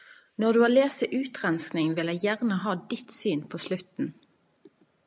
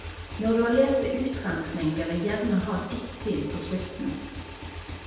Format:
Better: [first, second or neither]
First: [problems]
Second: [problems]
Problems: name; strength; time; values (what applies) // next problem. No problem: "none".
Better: first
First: none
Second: background sound (Motorcycle / Engine); 11 dB below the speech // room echo; dies away in 1.1 s